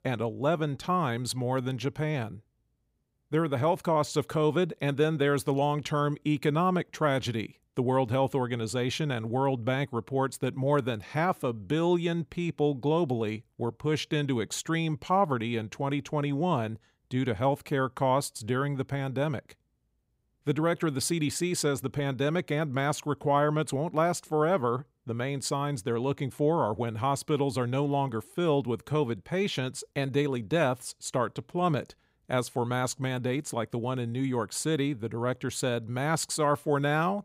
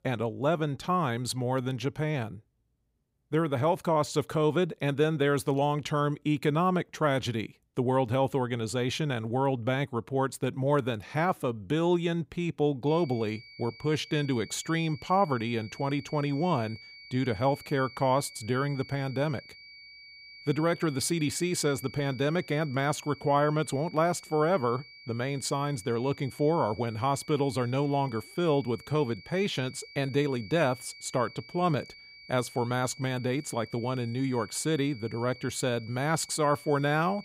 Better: first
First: none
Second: high-pitched whine; noticeable; from 13 s on; 2.5 kHz, 20 dB below the speech

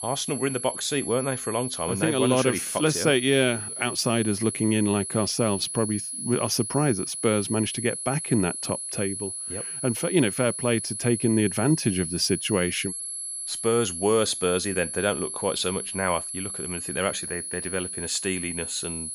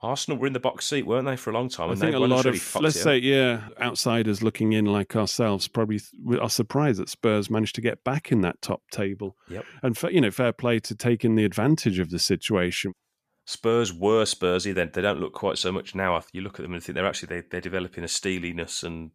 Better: second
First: high-pitched whine; loud; throughout; 10.5 kHz, 5 dB below the speech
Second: none

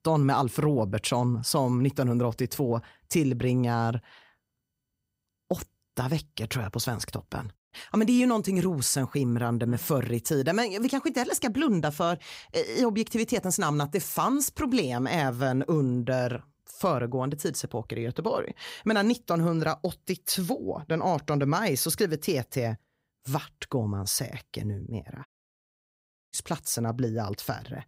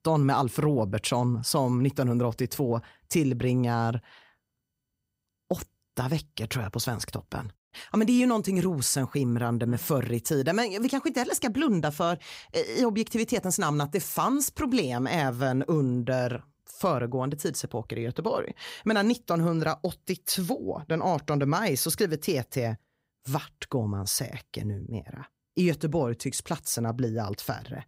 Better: second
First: audio cutting out; at 25 s for 1 s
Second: none

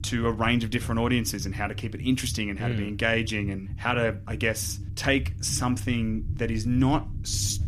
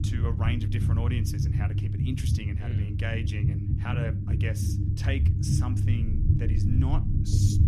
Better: first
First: low rumble; faint; throughout; 20 dB below the speech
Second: low rumble; loud; throughout; 1 dB below the speech

